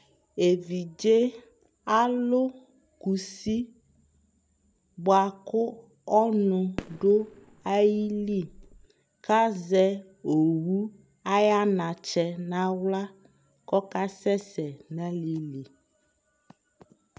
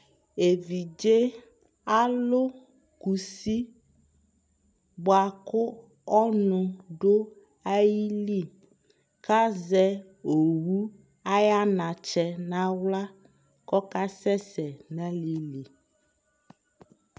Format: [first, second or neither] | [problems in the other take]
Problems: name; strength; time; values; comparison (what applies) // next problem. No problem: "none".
second | background sound (Fireworks); 17 dB below the speech